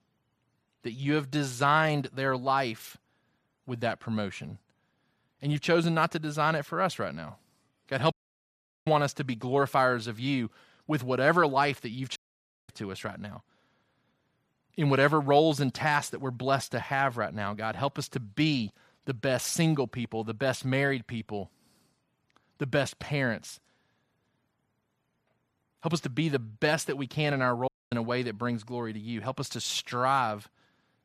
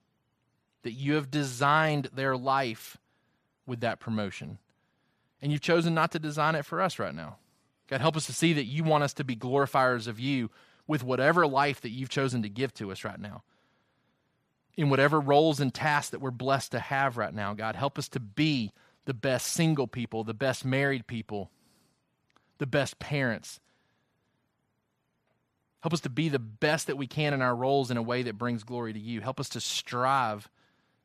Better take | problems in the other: second | audio cutting out; at 8 s for 0.5 s, at 12 s for 0.5 s and at 28 s

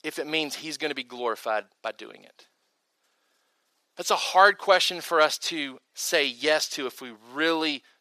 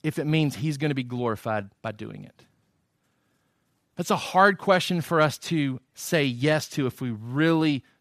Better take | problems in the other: second | thin; very; fading below 450 Hz

